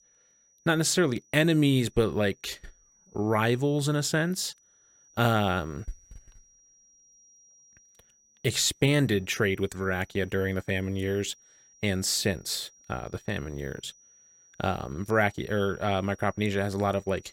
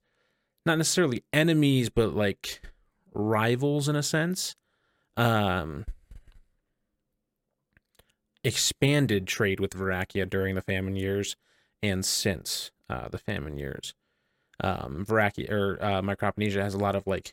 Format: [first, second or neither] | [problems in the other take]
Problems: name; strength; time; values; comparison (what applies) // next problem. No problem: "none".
second | high-pitched whine; faint; throughout; 5.5 kHz, 30 dB below the speech